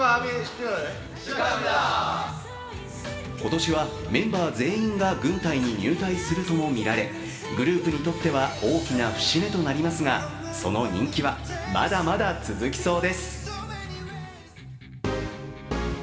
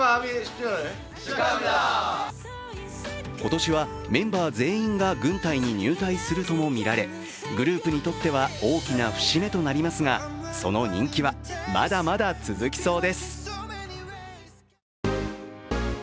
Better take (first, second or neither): second